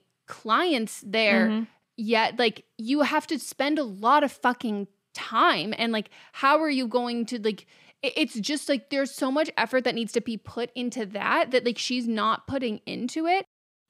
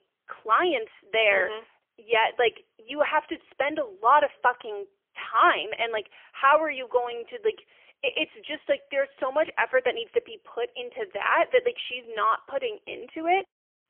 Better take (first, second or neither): first